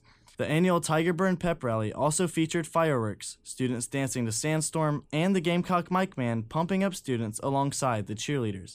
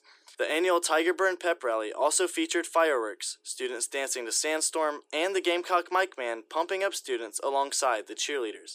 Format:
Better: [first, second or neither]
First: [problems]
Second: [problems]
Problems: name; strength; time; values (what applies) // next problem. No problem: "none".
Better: first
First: none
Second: thin; very; fading below 350 Hz